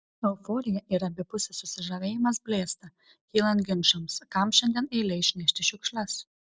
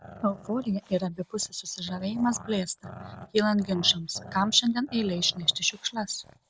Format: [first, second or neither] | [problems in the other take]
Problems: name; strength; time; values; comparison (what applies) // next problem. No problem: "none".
first | background sound (Growling); 18 dB below the speech